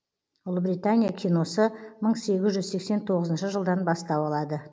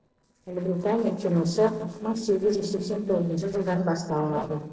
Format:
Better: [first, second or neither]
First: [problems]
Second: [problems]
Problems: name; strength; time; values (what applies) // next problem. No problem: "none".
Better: first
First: none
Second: noise reduction (neural separator model SepFormer DNS4)